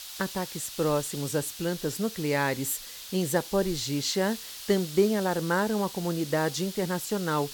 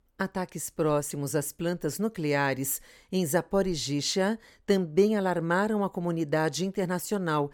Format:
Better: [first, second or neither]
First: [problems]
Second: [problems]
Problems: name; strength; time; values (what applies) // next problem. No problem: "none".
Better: second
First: hiss; noticeable; throughout; 10 dB below the speech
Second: none